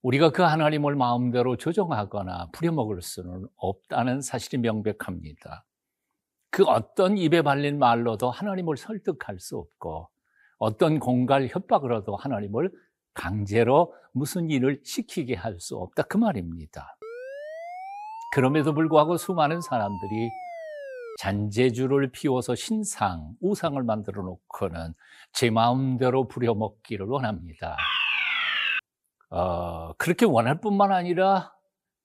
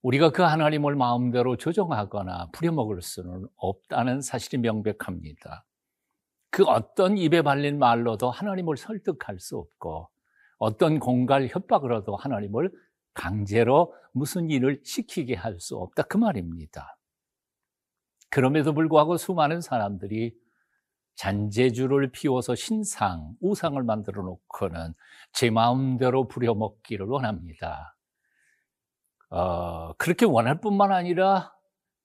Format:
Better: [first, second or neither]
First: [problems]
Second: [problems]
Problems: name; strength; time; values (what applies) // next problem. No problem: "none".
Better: second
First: siren; faint; from 17 to 21 s; peak 10 dB below the speech // alarm; loud; from 28 to 29 s; peak 3 dB above the speech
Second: none